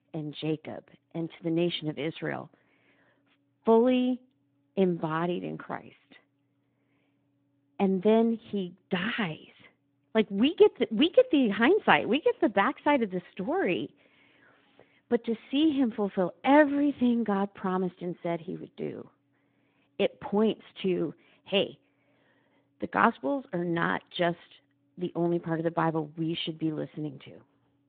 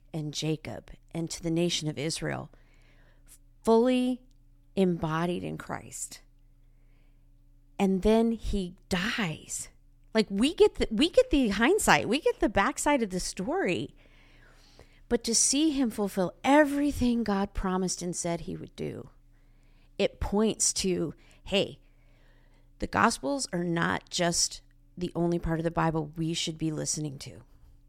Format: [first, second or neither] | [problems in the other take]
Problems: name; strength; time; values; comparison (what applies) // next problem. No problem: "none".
second | phone-call audio